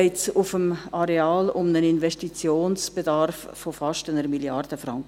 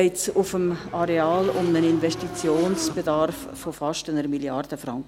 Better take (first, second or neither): first